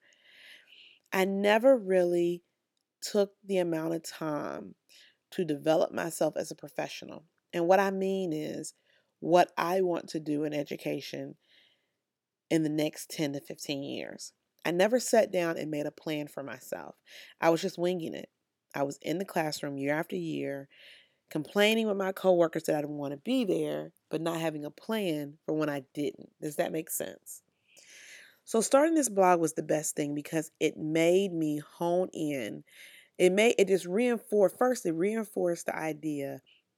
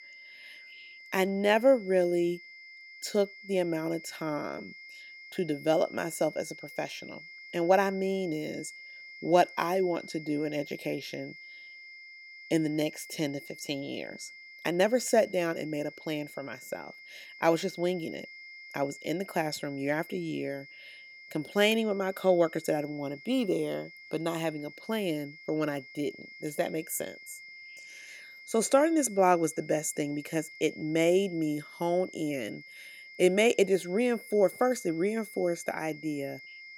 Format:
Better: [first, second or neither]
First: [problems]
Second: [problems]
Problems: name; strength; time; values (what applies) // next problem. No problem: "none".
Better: first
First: none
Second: high-pitched whine; noticeable; throughout; 2 kHz, 15 dB below the speech